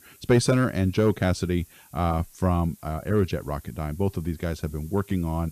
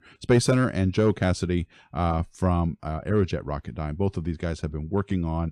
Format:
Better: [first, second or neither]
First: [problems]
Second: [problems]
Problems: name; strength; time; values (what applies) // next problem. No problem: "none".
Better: second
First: hiss; faint; throughout; 25 dB below the speech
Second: none